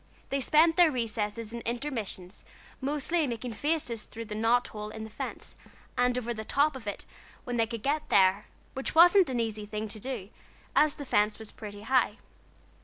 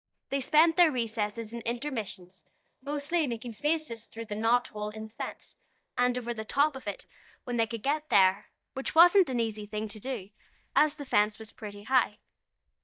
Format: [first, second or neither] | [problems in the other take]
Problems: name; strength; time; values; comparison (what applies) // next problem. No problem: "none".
first | noise reduction (neural mask model DeepFilterNet 3)